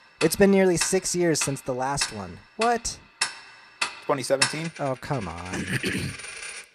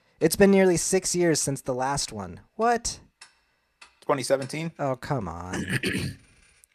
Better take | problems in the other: second | household noises; loud; throughout; 6 dB below the speech; faint in the second

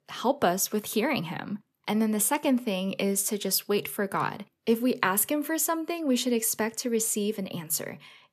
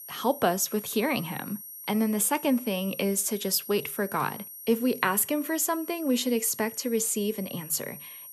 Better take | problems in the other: first | high-pitched whine; noticeable; throughout; 11.5 kHz, 15 dB below the speech

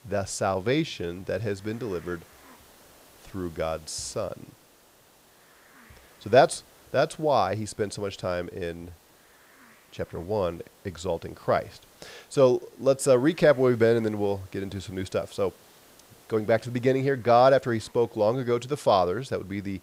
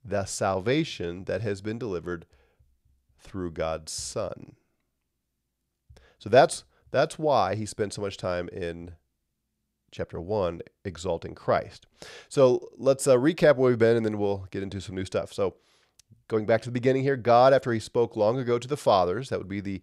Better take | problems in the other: second | hiss; faint; throughout; 30 dB below the speech

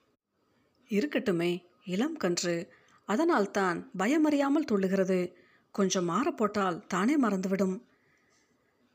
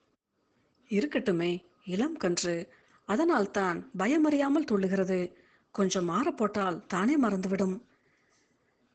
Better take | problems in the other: first | garbled, watery; badly; nothing above 7.5 kHz

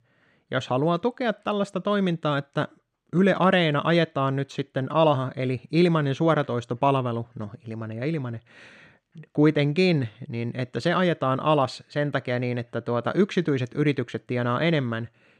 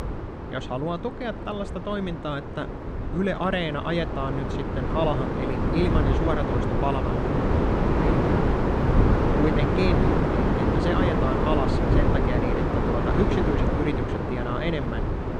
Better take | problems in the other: first | wind noise on the microphone; heavy; 3 dB above the speech

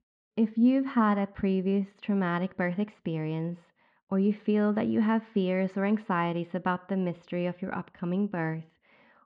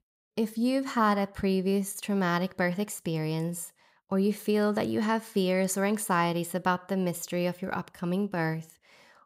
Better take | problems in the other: second | muffled; very; fading above 3 kHz

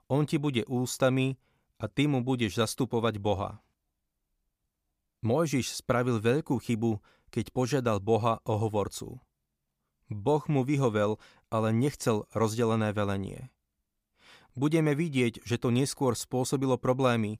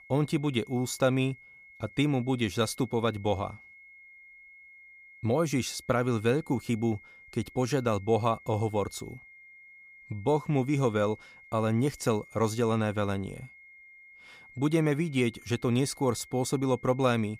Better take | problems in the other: first | high-pitched whine; faint; throughout; 2 kHz, 20 dB below the speech

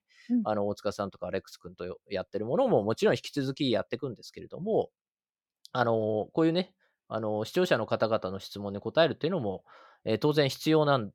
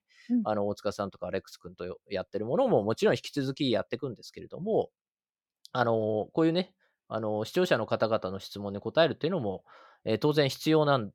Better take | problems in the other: neither | none

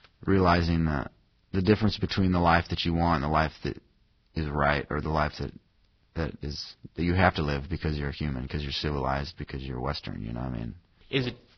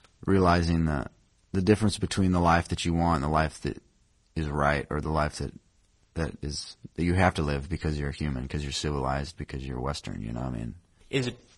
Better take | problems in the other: second | garbled, watery; badly; nothing above 5.5 kHz; slightly in the second

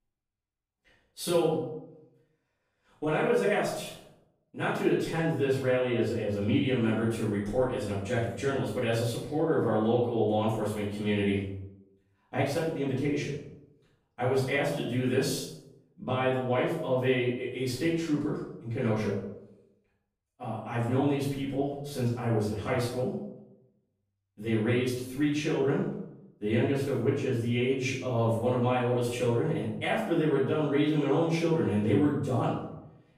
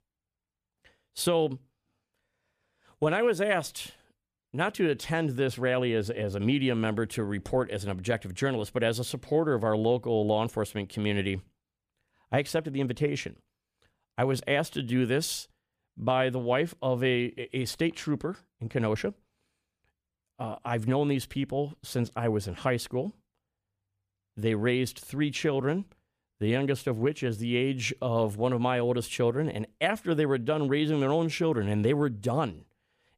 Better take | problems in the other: second | off-mic speech; far // room echo; noticeable; dies away in 0.6 s

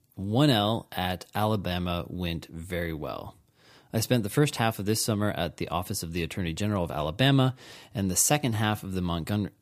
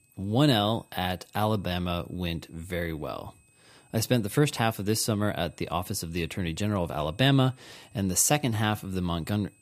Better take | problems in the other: first | high-pitched whine; faint; throughout; 2.5 kHz, 35 dB below the speech

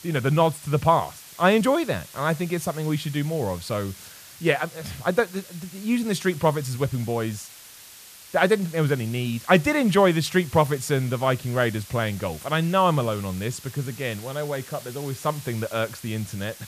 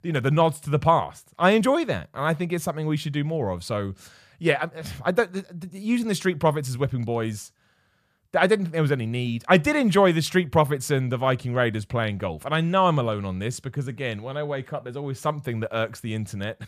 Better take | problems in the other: second | hiss; noticeable; throughout; 15 dB below the speech

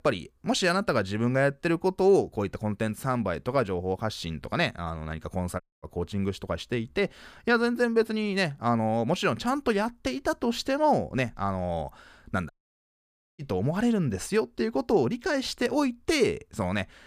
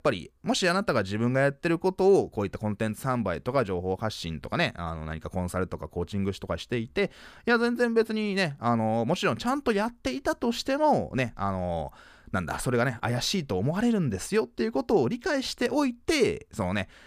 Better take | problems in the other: second | audio cutting out; at 5.5 s and at 13 s for 1 s

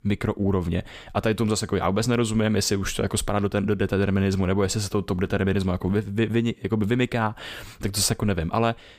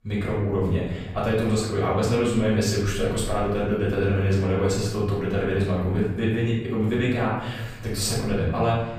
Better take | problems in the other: first | room echo; noticeable; dies away in 1.2 s // off-mic speech; far

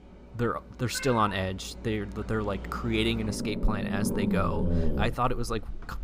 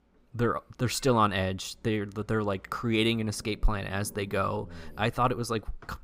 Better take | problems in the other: second | animal sounds; loud; throughout; 3 dB below the speech; faint in the second

